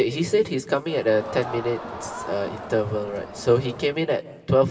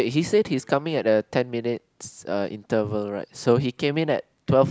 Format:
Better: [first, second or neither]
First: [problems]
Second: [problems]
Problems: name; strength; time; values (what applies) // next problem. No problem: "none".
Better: second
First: background sound (Crowd); 13 dB below the speech // room echo; dies away in 2.9 s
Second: none